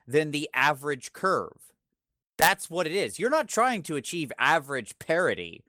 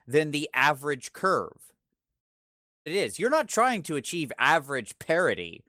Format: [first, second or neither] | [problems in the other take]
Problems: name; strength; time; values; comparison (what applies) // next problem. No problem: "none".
first | audio cutting out; at 2 s for 0.5 s